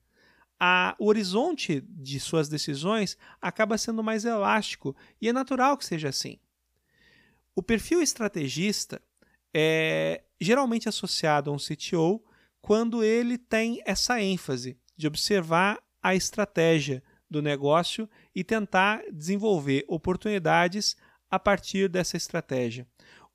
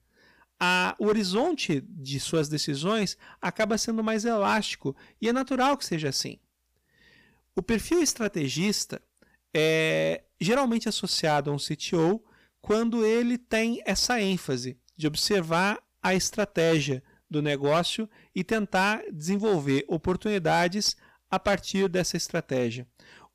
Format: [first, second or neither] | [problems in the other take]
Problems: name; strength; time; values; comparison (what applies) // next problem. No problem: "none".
first | distortion; slight; 6% of the sound clipped